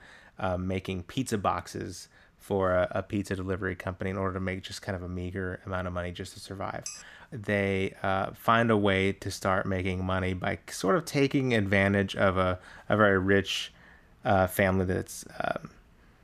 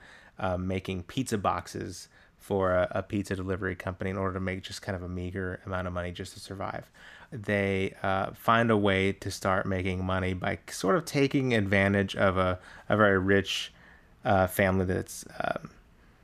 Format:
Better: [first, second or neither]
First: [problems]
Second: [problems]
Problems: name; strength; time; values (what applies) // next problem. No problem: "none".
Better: second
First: clattering dishes; faint; at 7 s; peak 10 dB below the speech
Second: none